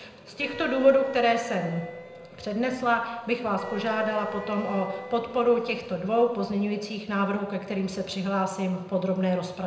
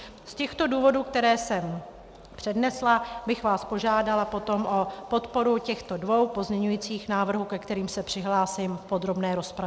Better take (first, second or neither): second